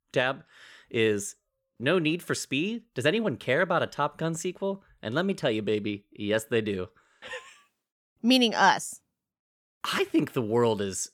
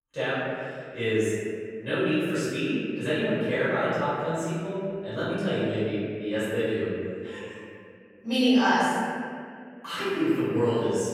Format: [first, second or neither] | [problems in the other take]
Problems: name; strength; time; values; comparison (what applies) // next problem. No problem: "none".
first | room echo; strong; dies away in 2.2 s // off-mic speech; far